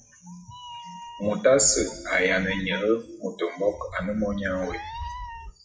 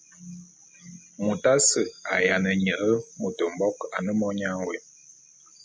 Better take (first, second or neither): second